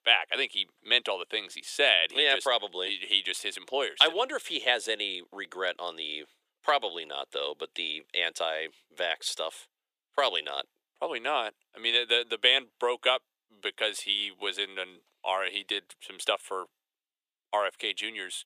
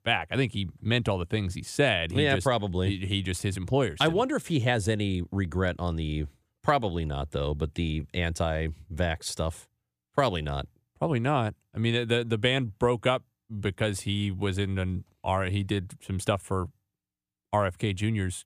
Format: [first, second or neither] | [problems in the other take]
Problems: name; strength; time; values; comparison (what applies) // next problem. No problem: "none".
second | thin; very; fading below 400 Hz